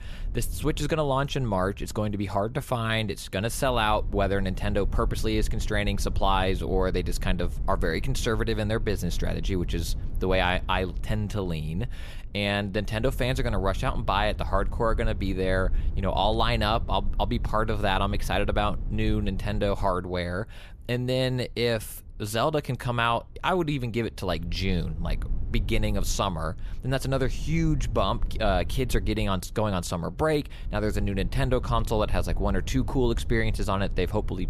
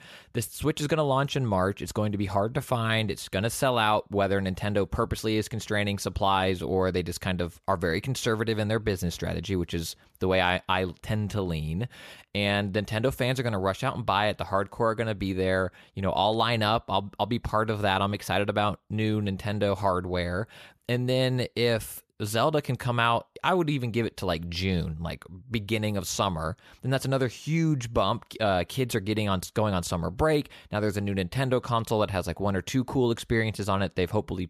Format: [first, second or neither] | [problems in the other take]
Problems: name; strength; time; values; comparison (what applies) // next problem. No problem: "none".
second | low rumble; faint; throughout; 25 dB below the speech